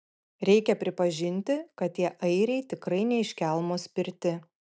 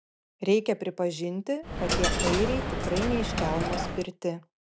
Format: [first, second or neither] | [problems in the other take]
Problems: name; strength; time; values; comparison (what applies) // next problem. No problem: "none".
first | background sound (Coin (dropping)); 1 dB above the speech